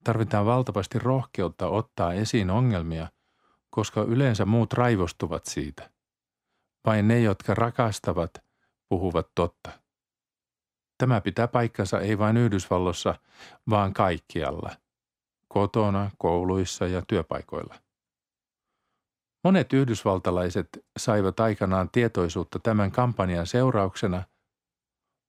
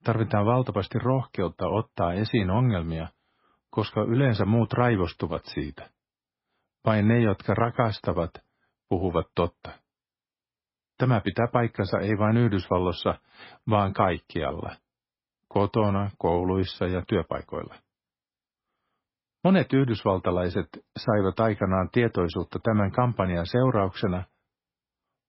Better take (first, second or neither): first